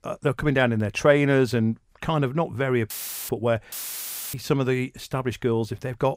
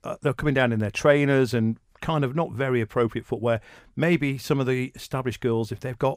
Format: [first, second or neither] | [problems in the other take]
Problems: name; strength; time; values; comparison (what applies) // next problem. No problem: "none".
second | audio cutting out; filled with static; at 3 s and at 3.5 s for 0.5 s